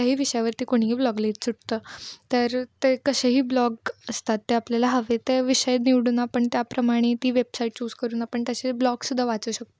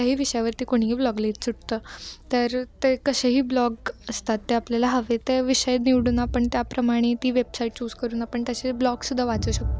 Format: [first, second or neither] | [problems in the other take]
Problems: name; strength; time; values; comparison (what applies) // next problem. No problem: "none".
first | background sound (Crowd); 13 dB below the speech